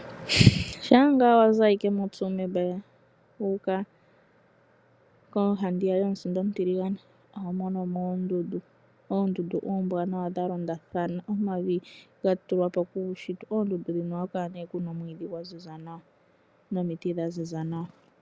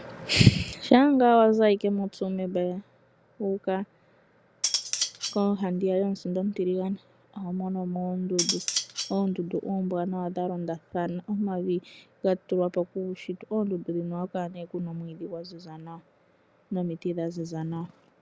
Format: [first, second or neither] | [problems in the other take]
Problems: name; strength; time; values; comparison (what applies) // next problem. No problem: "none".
first | background sound (Cutlery, silverware); 5 dB below the speech